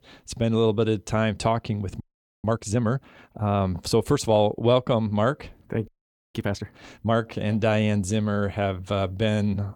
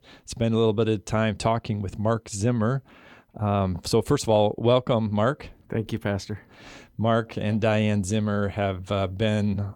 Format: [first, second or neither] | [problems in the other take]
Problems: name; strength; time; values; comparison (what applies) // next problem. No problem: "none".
second | audio freezing; at 2 s and at 6 s